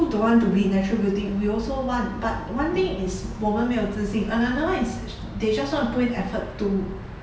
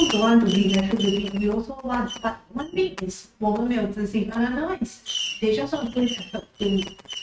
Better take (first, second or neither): first